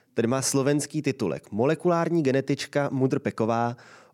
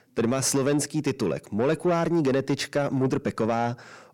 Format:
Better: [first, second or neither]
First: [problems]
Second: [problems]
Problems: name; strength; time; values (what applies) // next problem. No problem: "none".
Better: first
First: none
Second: distortion; slight; 10 dB below the speech